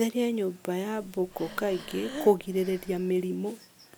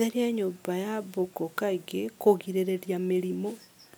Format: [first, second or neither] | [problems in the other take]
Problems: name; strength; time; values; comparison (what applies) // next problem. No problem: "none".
second | background sound (Breathing); 14 dB below the speech